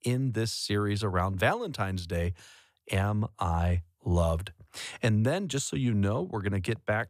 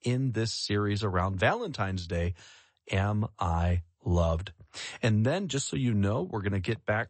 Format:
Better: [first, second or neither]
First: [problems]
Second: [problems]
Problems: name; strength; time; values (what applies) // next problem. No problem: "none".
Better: first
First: none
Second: garbled, watery; slightly; nothing above 8 kHz